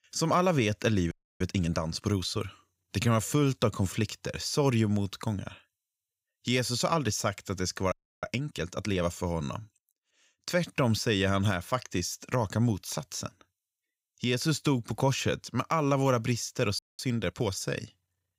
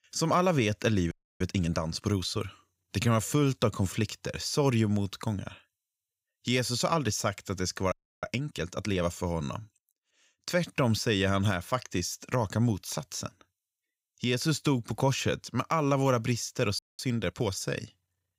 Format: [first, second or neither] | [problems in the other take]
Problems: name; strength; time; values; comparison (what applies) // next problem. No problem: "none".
neither | audio freezing; at 1 s, at 8 s and at 17 s; the same in both